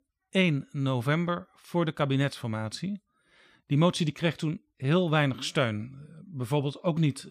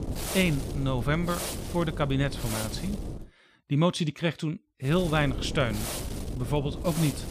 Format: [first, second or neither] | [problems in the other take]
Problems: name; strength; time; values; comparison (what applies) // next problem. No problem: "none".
first | wind noise on the microphone; heavy; until 3 s and from 5 s on; 8 dB below the speech